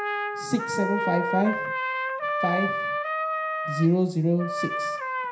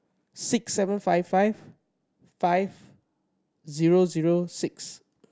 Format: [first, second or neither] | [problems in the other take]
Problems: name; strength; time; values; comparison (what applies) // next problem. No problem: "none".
second | background sound (Trumpet); 1 dB below the speech // room echo; dies away in 0.5 s